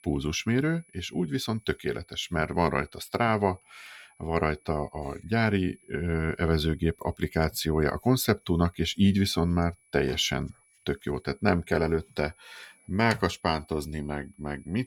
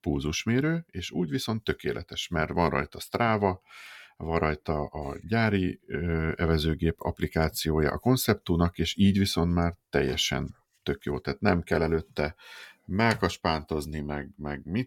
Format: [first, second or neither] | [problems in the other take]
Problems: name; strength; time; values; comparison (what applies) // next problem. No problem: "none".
second | high-pitched whine; faint; throughout; 10 kHz, 30 dB below the speech